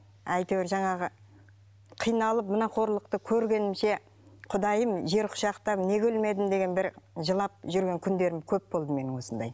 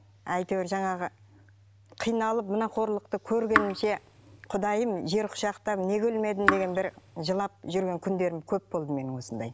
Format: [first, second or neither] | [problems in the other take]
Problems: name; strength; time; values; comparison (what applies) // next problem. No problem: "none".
first | background sound (Raindrop / Drip); 1 dB below the speech